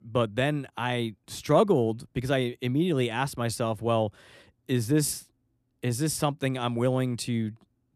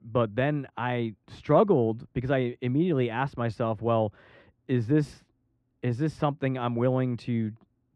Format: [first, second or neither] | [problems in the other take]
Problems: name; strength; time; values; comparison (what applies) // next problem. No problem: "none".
first | muffled; very; fading above 2 kHz